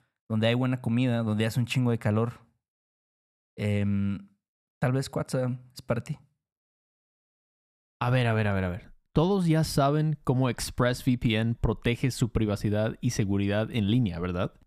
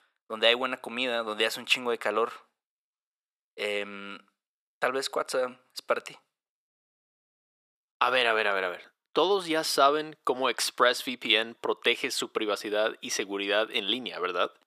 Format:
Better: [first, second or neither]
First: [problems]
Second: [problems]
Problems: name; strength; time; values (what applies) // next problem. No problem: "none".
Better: first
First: none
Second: thin; very; fading below 400 Hz